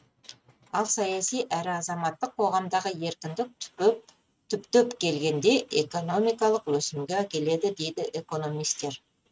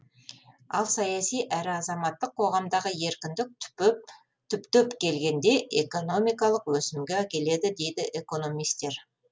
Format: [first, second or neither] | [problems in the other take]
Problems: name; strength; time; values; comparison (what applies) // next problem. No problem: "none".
second | noise reduction (neural mask model RNNoise)